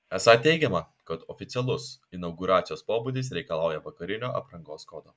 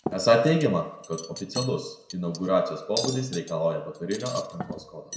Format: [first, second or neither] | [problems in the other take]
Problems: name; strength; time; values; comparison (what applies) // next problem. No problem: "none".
first | background sound (Cutlery, silverware); 12 dB below the speech // room echo; dies away in 0.6 s